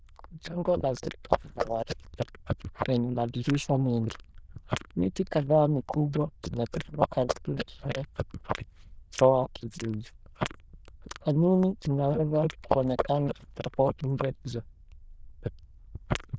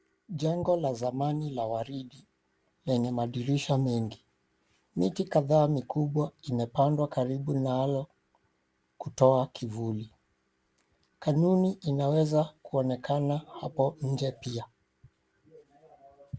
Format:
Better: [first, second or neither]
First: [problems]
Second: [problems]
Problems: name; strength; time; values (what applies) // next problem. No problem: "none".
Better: second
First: noise reduction (neural diffusion model UNIVERSE++)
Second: none